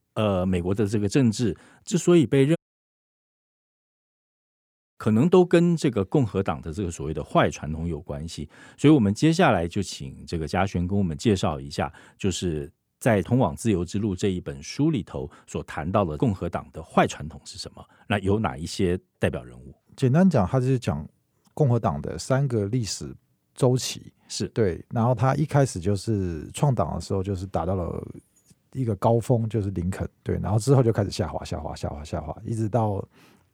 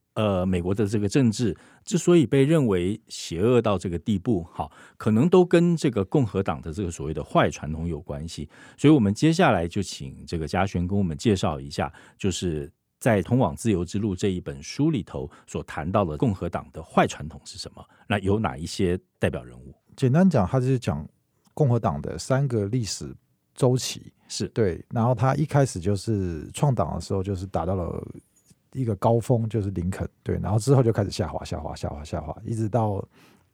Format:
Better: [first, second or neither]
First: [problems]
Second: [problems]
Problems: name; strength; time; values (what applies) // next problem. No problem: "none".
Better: second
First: audio cutting out; at 2.5 s for 2.5 s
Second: none